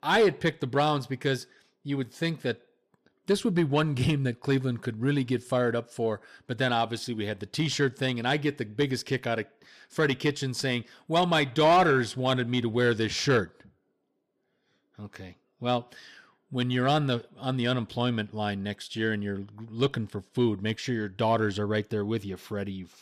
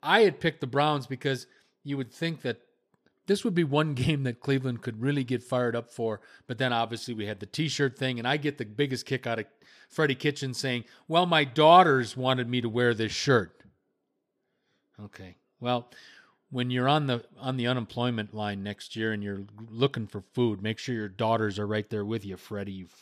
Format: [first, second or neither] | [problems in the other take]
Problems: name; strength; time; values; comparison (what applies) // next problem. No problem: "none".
second | distortion; slight; 10 dB below the speech